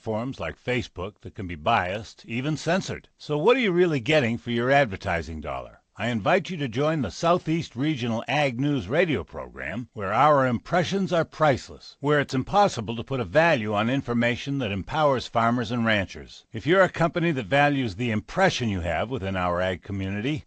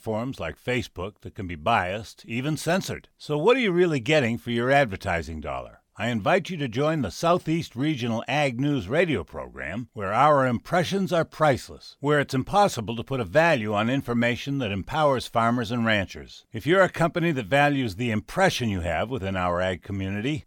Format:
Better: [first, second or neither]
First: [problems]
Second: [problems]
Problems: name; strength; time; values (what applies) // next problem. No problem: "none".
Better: second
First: garbled, watery; slightly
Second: none